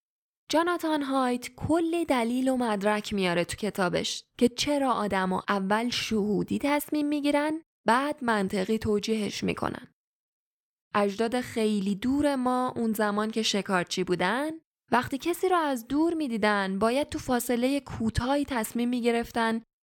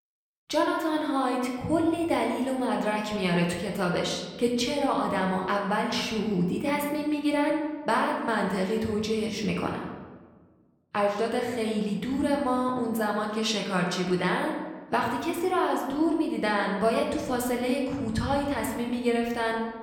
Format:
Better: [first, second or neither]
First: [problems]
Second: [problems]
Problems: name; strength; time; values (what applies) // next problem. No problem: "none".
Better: first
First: none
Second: room echo; slight; dies away in 1.1 s // off-mic speech; somewhat distant